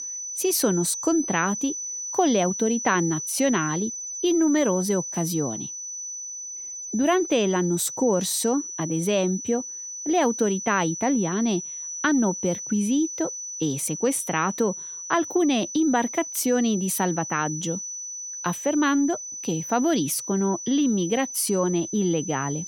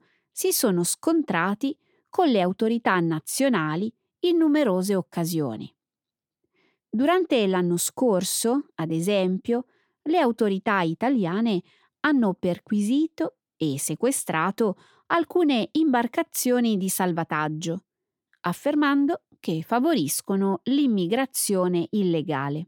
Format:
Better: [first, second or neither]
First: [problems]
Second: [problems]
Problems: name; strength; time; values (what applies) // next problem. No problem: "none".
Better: second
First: high-pitched whine; loud; throughout; 6 kHz, 7 dB below the speech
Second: none